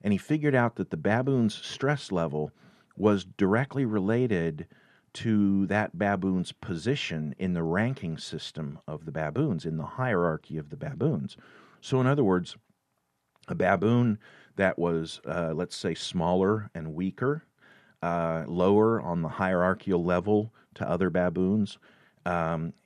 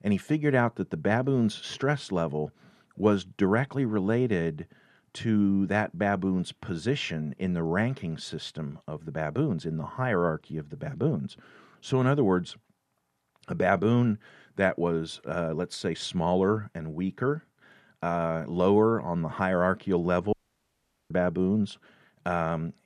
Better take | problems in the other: first | audio cutting out; at 20 s for 1 s

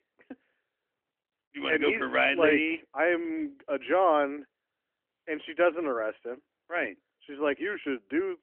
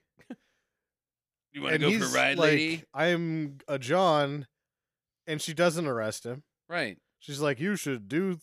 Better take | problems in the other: second | phone-call audio; nothing above 3 kHz

